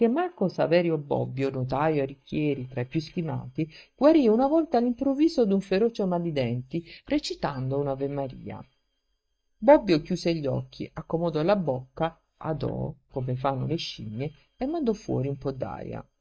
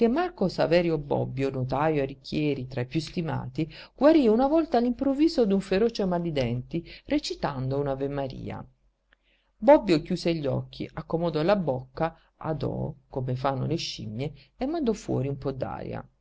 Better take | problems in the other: second | noise reduction (neural mask model DeepFilterNet 3)

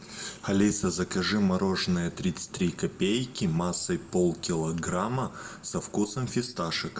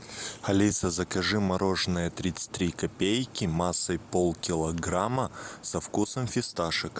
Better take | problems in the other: second | room echo; dies away in 0.5 s

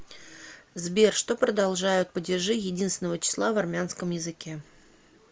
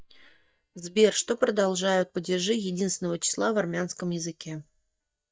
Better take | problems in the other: first | noise reduction (neural mask model DeepFilterNet 3)

